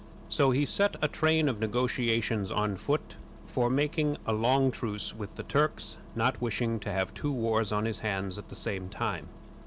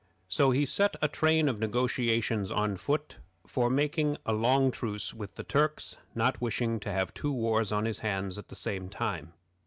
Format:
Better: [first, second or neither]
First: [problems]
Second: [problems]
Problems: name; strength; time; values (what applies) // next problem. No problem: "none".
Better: second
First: background sound (Engine starting); 17 dB below the speech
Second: none